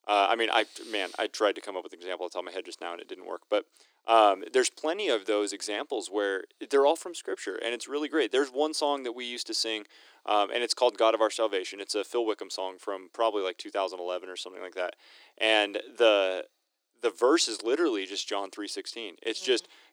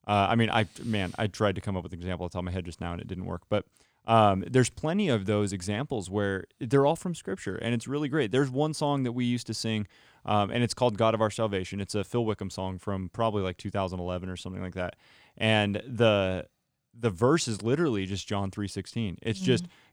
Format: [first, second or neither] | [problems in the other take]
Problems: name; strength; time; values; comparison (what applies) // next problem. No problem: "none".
second | thin; very; fading below 300 Hz